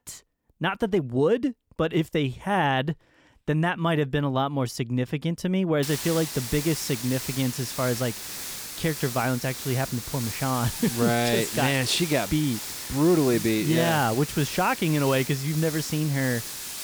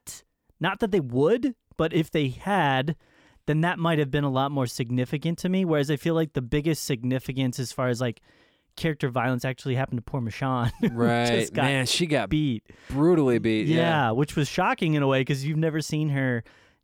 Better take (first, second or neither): second